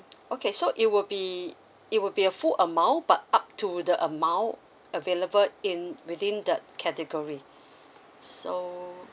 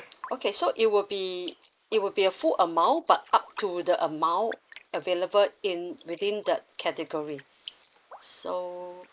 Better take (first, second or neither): first